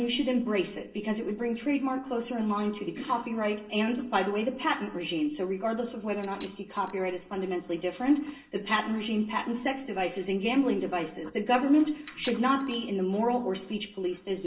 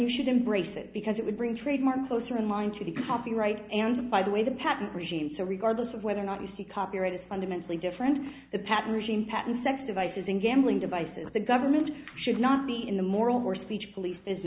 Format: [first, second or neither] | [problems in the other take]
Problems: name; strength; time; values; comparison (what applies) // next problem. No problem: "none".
second | noise reduction (neural separator model SepFormer DNS4)